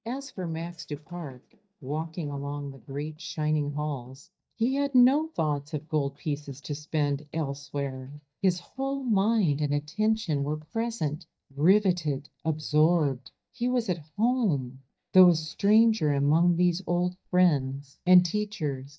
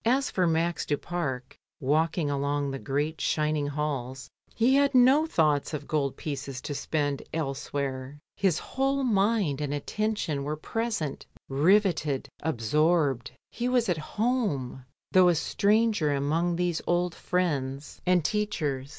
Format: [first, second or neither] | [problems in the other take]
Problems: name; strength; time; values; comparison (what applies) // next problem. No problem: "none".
second | noise reduction (neural mask model DeepFilterNet 3)